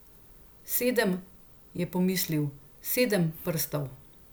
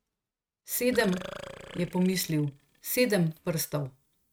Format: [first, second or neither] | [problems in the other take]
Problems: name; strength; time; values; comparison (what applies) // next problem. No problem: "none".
first | noise reduction (neural mask model RNNoise)